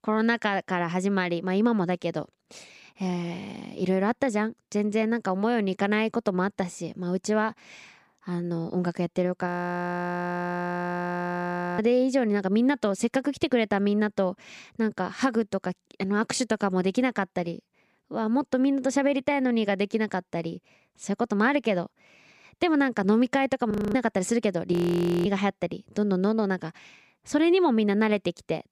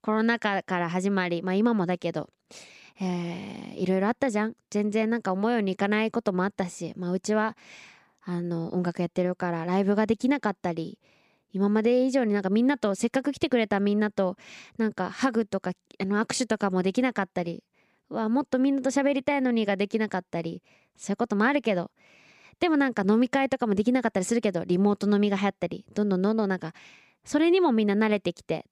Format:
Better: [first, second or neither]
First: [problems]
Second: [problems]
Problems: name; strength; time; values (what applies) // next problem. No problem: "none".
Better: second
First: audio freezing; at 9.5 s for 2.5 s, at 24 s and at 25 s for 0.5 s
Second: none